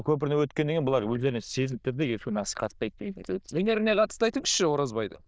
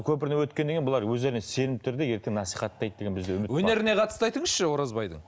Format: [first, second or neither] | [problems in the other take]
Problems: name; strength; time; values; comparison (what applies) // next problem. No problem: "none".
second | noise reduction (neural diffusion model UNIVERSE++)